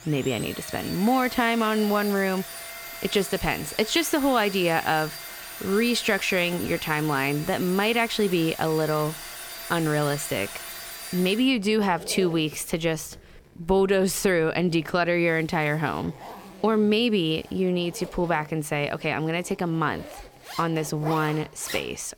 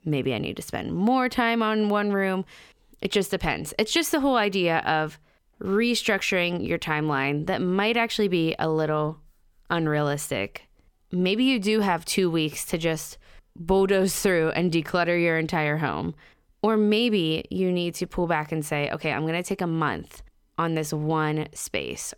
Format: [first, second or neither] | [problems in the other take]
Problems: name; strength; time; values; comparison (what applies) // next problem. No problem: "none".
second | household noises; noticeable; throughout; 10 dB below the speech